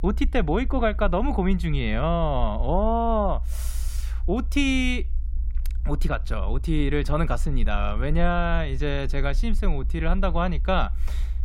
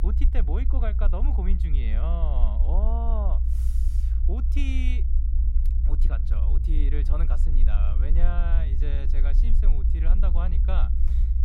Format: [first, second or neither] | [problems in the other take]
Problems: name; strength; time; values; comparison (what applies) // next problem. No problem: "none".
first | low rumble; loud; throughout; 6 dB below the speech; faint in the first